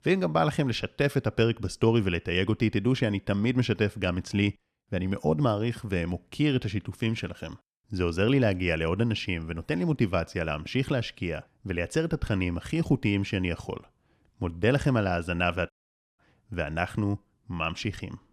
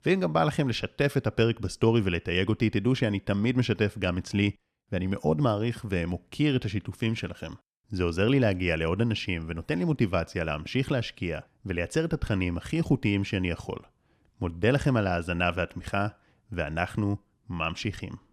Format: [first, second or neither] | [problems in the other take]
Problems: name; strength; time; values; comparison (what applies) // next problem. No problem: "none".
second | audio cutting out; at 16 s